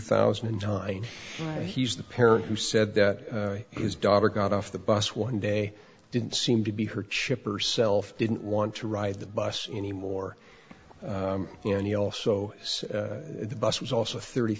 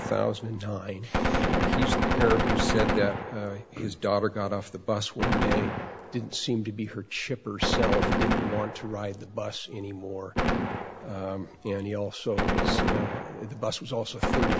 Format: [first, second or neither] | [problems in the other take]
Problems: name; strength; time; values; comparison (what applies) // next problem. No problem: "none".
first | background sound (Gunshot, gunfire); 2 dB above the speech